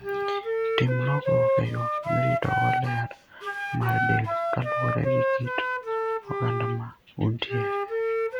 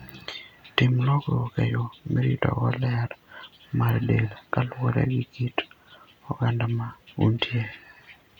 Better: second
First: background sound (Wind instrument, woodwind instrument); 2 dB above the speech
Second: none

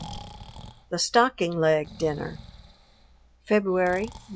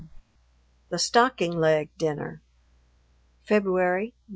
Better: second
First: background sound (Breathing); 18 dB below the speech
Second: none

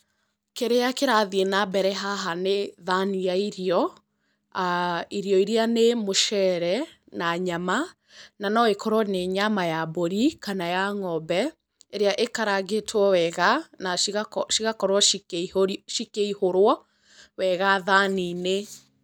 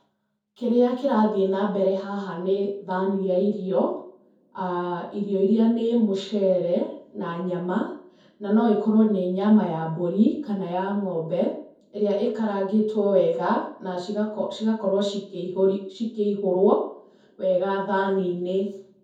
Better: first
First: none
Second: room echo; dies away in 0.6 s

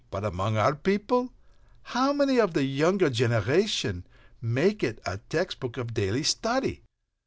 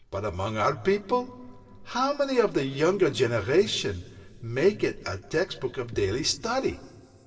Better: first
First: none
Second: background sound (Bass drum); 17 dB below the speech // room echo; dies away in 2.9 s

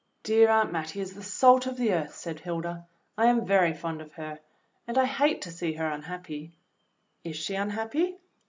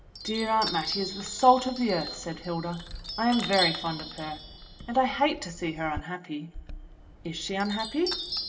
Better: first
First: none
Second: background sound (Chime); 8 dB below the speech // room echo; dies away in 2.8 s

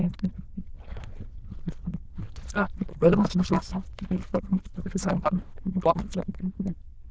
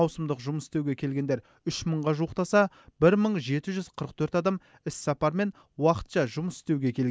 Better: second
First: noise reduction (neural diffusion model UNIVERSE++)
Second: none

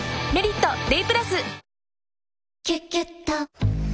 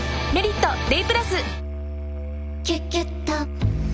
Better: first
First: none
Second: background sound (Musical instrument); 4 dB below the speech

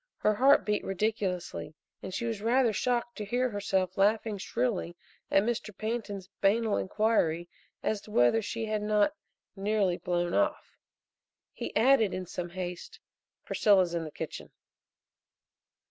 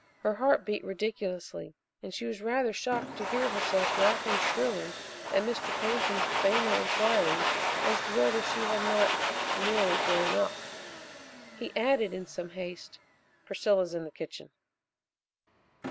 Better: first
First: none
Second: background sound (Domestic sounds, home sounds); 2 dB below the speech

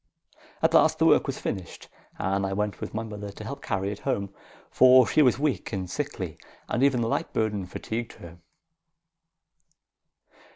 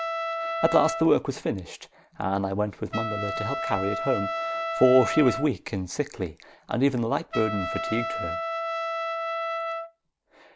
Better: first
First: none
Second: background sound (Trumpet); 5 dB below the speech

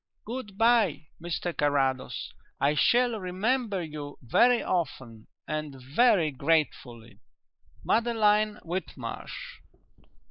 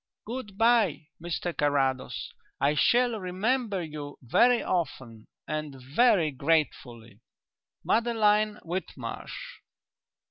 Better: second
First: noise reduction (neural mask model Resemble Enhance denoiser)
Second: none

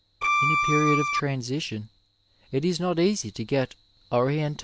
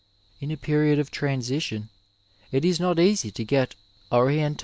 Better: second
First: background sound (Bowed string instrument); 4 dB above the speech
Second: none

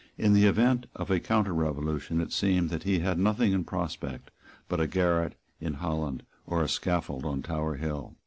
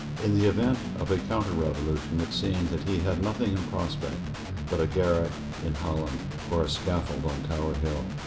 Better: first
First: none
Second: background sound (Guitar); 6 dB below the speech // room echo; dies away in 1.5 s

